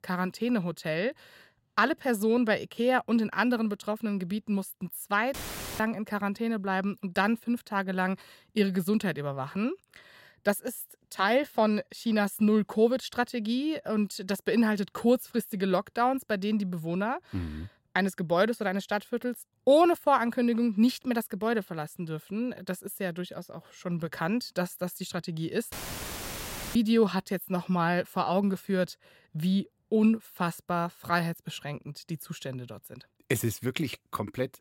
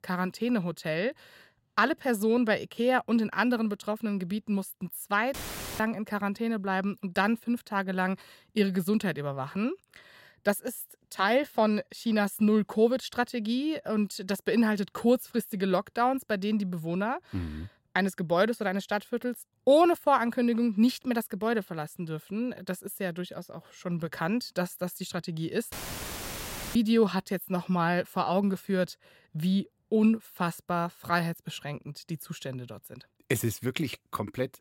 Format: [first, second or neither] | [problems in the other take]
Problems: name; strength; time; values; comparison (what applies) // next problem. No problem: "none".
neither | audio cutting out; filled with static; at 5.5 s and at 26 s for 1 s; the same in both